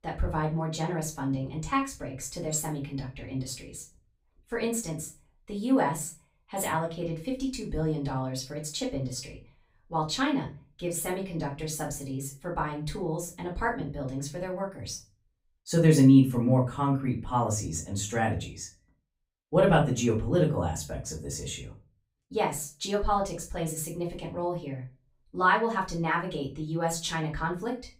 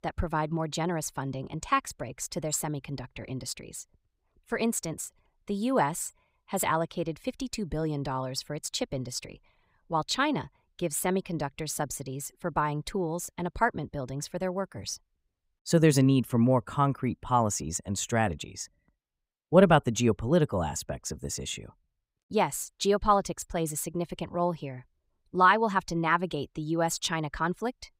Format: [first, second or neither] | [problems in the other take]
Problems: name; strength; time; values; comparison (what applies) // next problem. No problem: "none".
second | off-mic speech; far // room echo; slight; dies away in 0.3 s